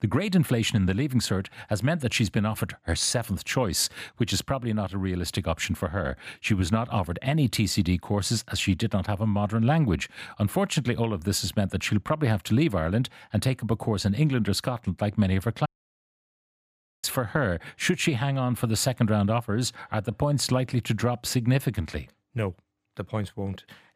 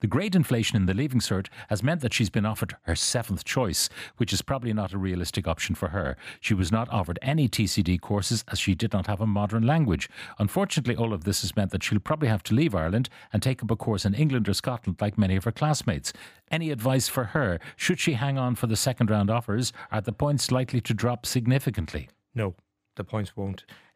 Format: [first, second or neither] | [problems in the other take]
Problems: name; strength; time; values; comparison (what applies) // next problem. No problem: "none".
second | audio cutting out; at 16 s for 1.5 s